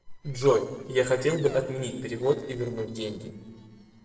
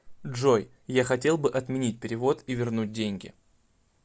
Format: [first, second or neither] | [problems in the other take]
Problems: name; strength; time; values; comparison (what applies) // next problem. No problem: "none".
second | noise reduction (neural separator model SepFormer DNS4)